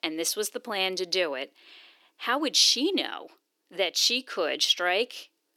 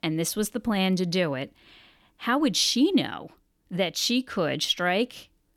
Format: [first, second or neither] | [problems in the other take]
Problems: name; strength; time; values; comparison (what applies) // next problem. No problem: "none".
second | thin; somewhat; fading below 350 Hz